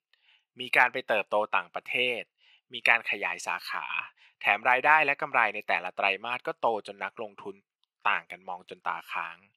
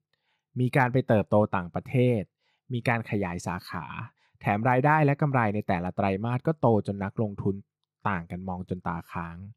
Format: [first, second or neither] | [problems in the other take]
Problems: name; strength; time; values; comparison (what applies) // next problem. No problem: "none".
second | thin; very; fading below 750 Hz